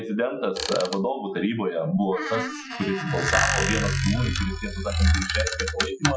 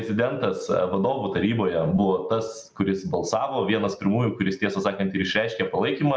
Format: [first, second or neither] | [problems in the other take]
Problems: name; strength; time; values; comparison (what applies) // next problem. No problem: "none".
second | noise reduction (classical method Wiener filter)